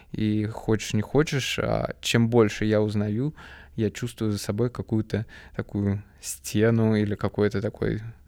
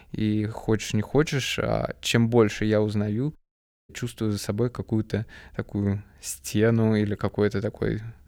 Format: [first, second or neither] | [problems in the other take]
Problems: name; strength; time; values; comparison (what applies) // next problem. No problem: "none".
first | audio cutting out; at 3.5 s for 0.5 s